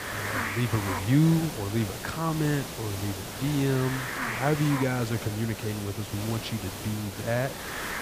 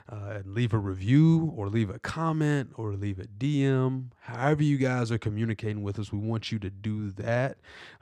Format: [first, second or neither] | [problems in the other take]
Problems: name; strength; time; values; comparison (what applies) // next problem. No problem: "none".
second | hiss; loud; throughout; 6 dB below the speech